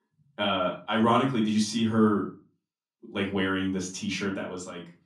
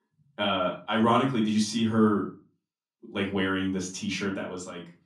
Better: neither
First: off-mic speech; far // room echo; slight; dies away in 0.3 s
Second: off-mic speech; far // room echo; slight; dies away in 0.3 s

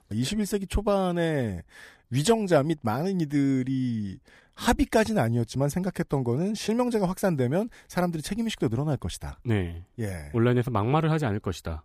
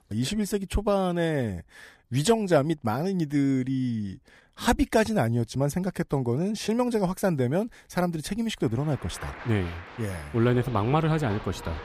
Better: first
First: none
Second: crowd noise; noticeable; from 9 s on; 15 dB below the speech

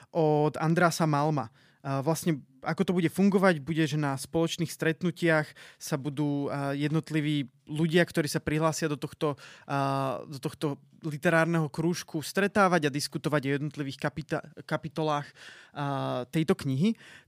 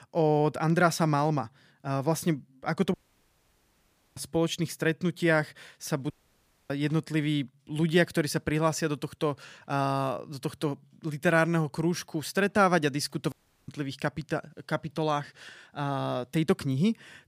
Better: first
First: none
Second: audio cutting out; at 3 s for 1 s, at 6 s for 0.5 s and at 13 s

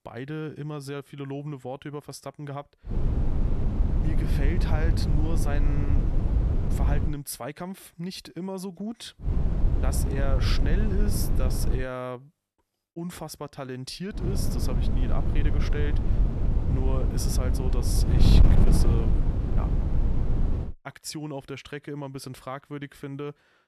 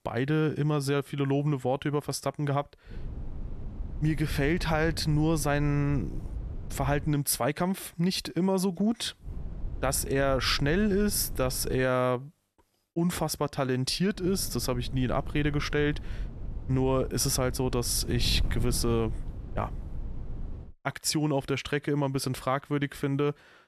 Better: second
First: wind noise on the microphone; heavy; from 3 to 7 s, from 9.5 to 12 s and from 14 to 21 s; 1 dB below the speech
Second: wind noise on the microphone; occasional gusts; from 3 to 7 s, from 9.5 to 12 s and from 14 to 21 s; 20 dB below the speech

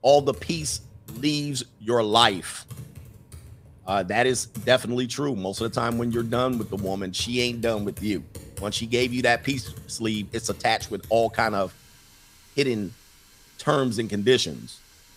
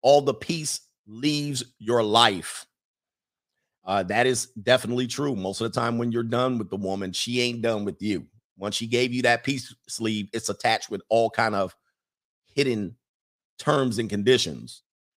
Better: second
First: household noises; noticeable; throughout; 20 dB below the speech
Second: none

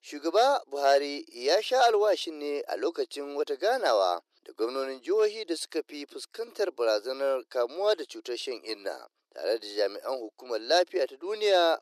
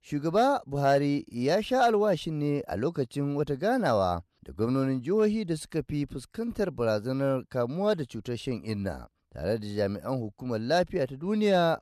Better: second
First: thin; very; fading below 350 Hz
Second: none

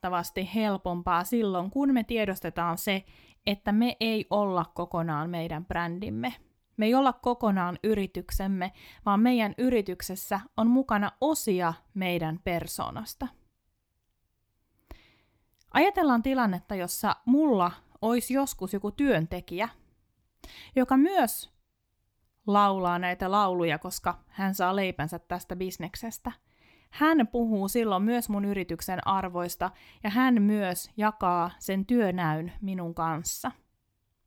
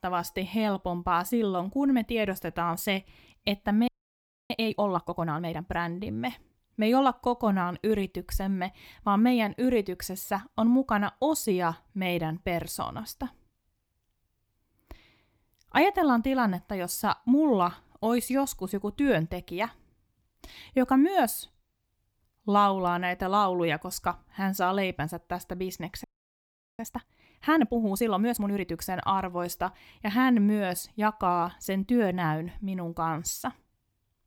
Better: first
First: none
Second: audio freezing; at 4 s for 0.5 s and at 26 s for 1 s

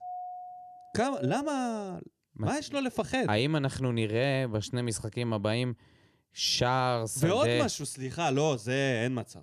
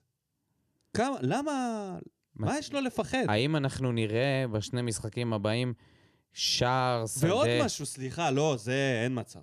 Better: second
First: doorbell; faint; until 2 s; peak 10 dB below the speech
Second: none

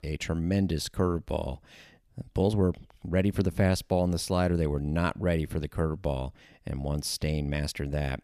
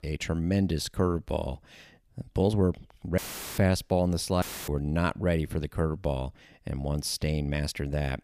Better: first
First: none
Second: audio cutting out; filled with static; at 3 s and at 4.5 s

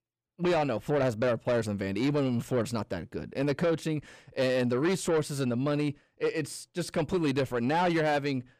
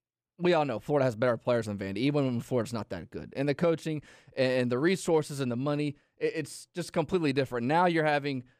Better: second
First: distortion; slight; 10 dB below the speech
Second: none

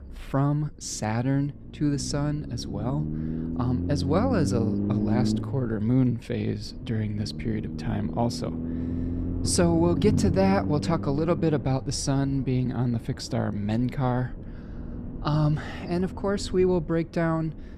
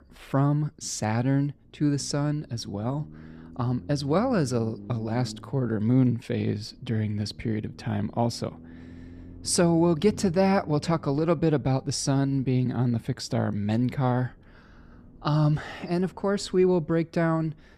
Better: second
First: low rumble; loud; throughout; 8 dB below the speech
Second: low rumble; faint; throughout; 25 dB below the speech

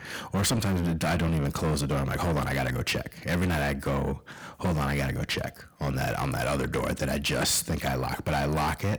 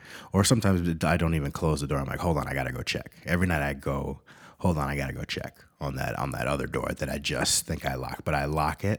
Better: second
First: distortion; heavy; 6 dB below the speech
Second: none

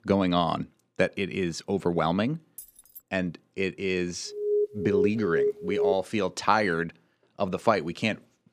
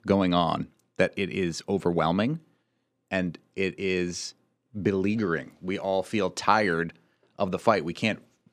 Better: second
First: jangling keys; faint; at 2.5 s; peak 15 dB below the speech // alarm; loud; from 4.5 to 6 s; peak 1 dB above the speech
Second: none

